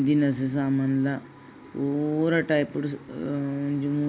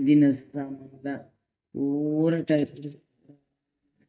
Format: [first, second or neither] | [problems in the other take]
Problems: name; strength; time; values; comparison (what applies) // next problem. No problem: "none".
first | noise reduction (neural mask model DeepFilterNet 3)